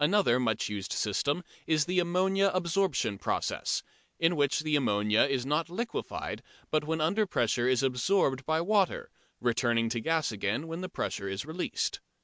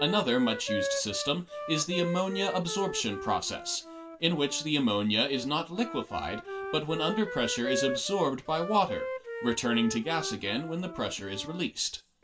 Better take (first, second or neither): first